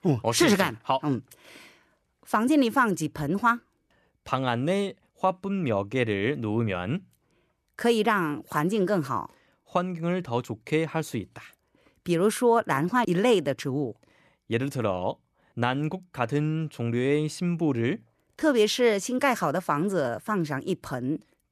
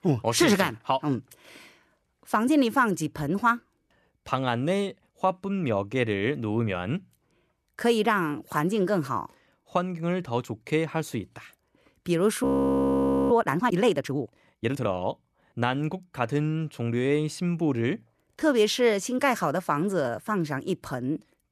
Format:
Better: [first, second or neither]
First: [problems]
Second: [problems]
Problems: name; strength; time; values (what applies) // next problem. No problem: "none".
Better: first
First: none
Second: audio freezing; at 12 s for 1 s